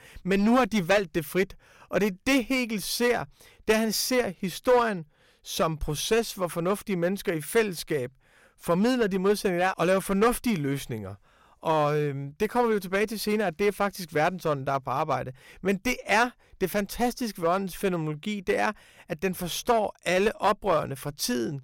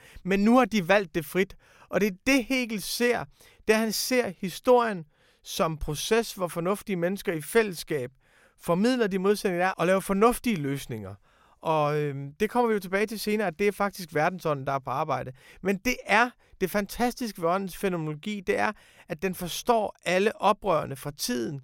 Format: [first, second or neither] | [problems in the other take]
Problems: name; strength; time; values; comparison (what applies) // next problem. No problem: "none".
second | distortion; slight; 4% of the sound clipped